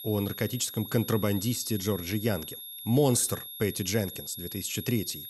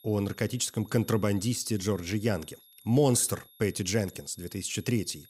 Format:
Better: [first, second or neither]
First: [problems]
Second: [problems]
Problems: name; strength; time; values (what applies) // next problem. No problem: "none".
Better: second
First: high-pitched whine; loud; throughout; 11.5 kHz, 10 dB below the speech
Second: high-pitched whine; faint; throughout; 11.5 kHz, 25 dB below the speech